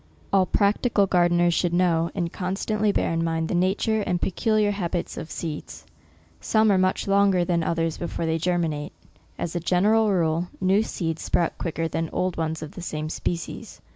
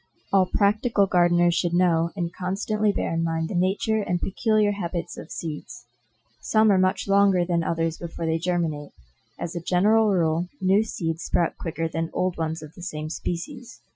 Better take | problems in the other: first | noise reduction (classical method Wiener filter)

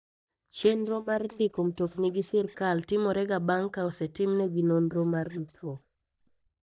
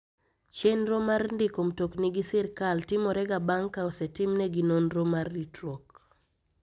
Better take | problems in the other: second | noise reduction (neural mask model DeepFilterNet 3)

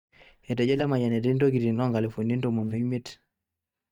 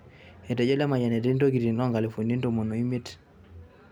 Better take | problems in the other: second | noise reduction (neural mask model DeepFilterNet 3)

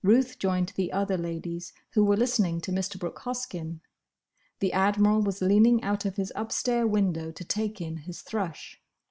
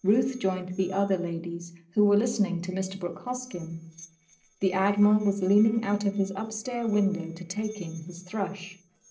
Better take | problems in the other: first | noise reduction (neural separator model SepFormer DNS4)

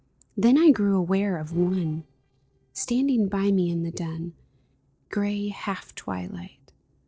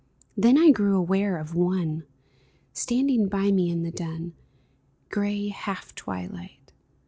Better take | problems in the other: second | noise reduction (neural separator model SepFormer DNS4)

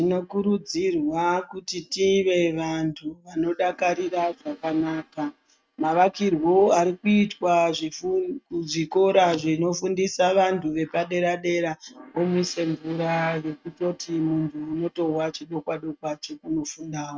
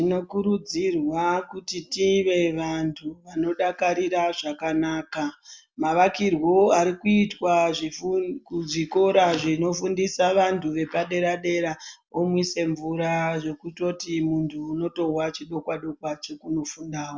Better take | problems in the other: second | noise reduction (neural mask model RNNoise)

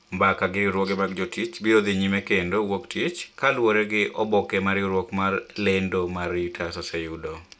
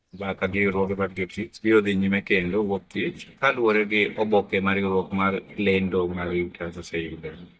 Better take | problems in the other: first | noise reduction (neural mask model DeepFilterNet 3)

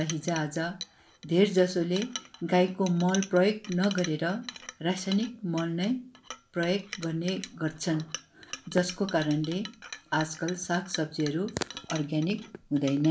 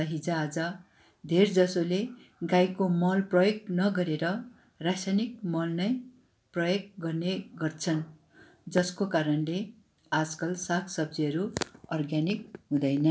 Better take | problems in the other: second | background sound (Chink, clink); 15 dB below the speech

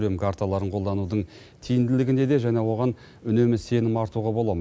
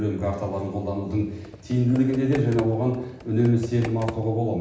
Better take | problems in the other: first | background sound (Computer keyboard); 16 dB below the speech // room echo; dies away in 0.9 s

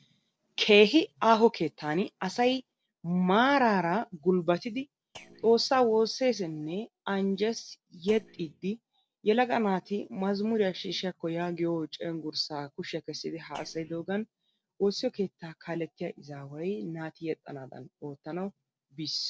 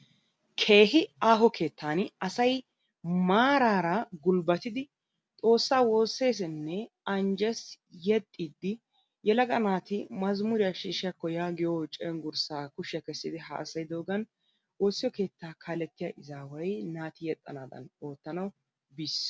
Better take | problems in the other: second | noise reduction (neural separator model SepFormer DNS4)

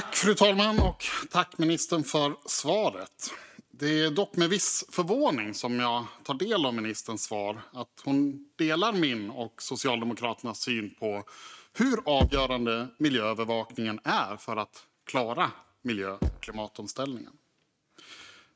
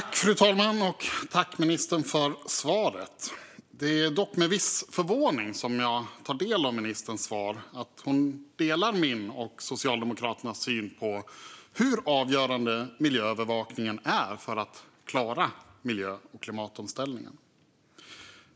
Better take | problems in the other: second | noise reduction (neural mask model RNNoise)

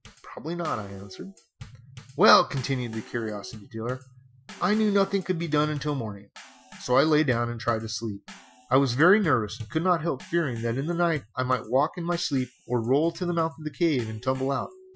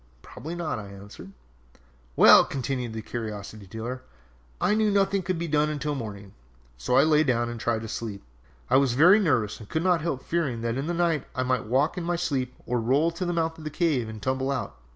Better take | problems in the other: second | noise reduction (classical method Wiener filter)

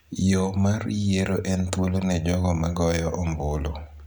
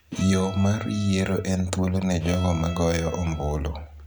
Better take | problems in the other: first | background sound (Bowed string instrument); 17 dB below the speech

